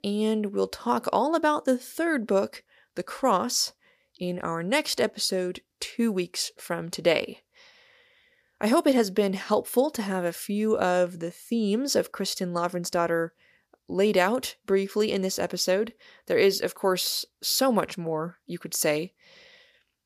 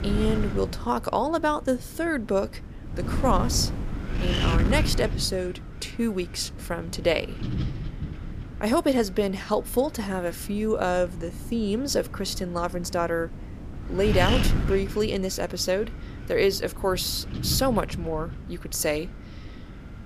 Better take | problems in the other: first | wind noise on the microphone; occasional gusts; 10 dB below the speech

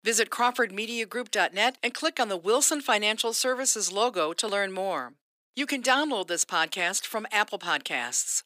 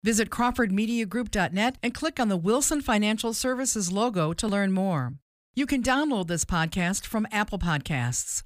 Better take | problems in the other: second | thin; somewhat; fading below 350 Hz

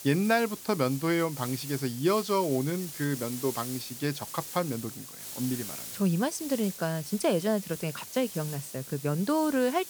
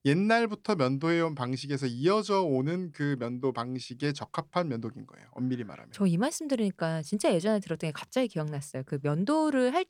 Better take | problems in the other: second | hiss; loud; throughout; 10 dB below the speech

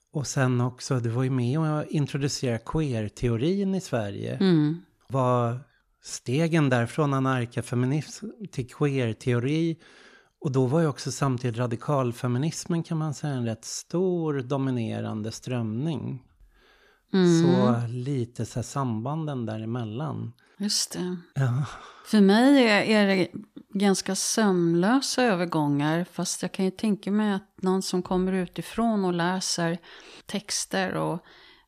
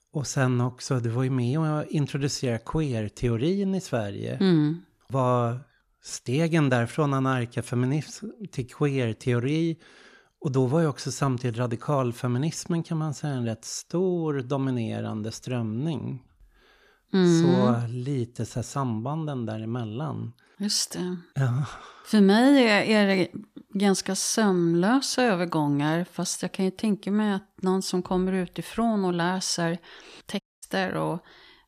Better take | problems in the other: first | audio cutting out; at 30 s

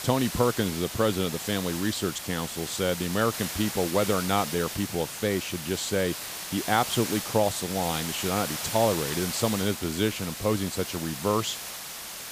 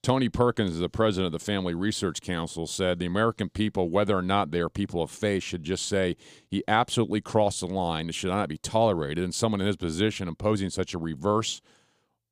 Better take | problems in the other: second | hiss; loud; throughout; 5 dB below the speech

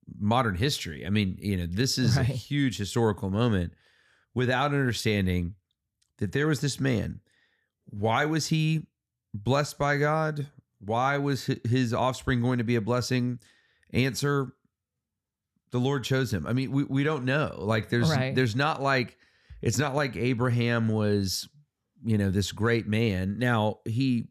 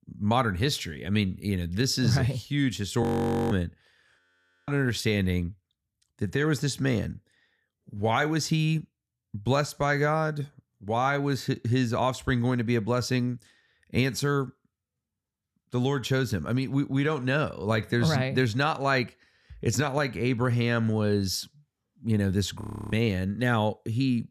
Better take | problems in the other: first | audio freezing; at 3 s, at 4 s and at 23 s

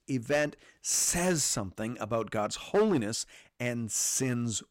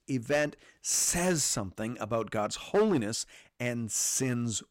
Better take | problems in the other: neither | distortion; slight; 4% of the sound clipped; the same in both

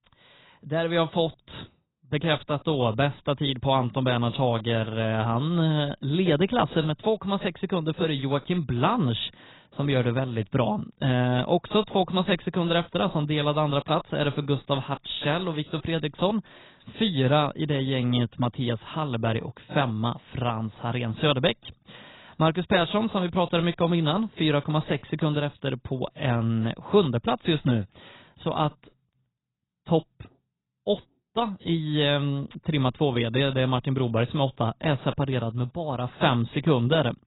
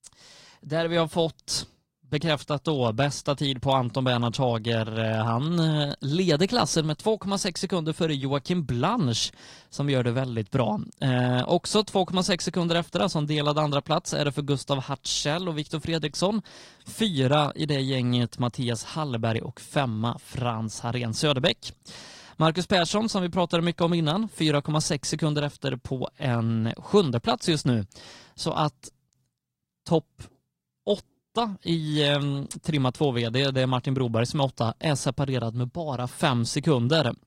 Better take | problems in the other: second | garbled, watery; badly; nothing above 4 kHz; slightly in the second

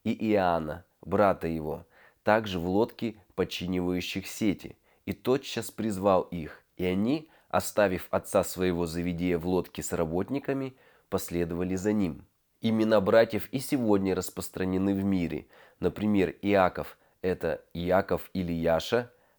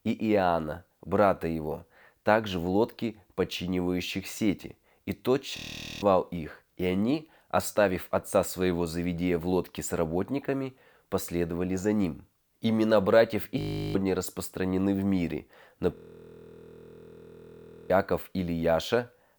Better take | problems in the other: first | audio freezing; at 5.5 s, at 14 s and at 16 s for 2 s

